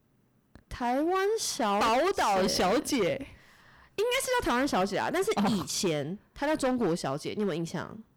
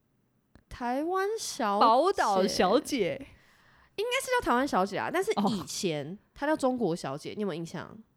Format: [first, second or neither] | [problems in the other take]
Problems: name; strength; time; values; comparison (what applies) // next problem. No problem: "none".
second | distortion; heavy; 14% of the sound clipped